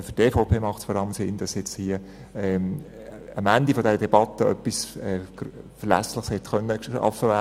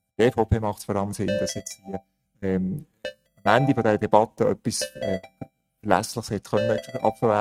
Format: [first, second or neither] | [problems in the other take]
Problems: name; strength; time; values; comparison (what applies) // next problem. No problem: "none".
first | noise reduction (neural mask model RNNoise)